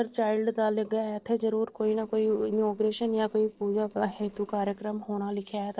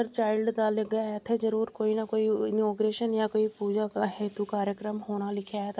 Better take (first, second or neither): second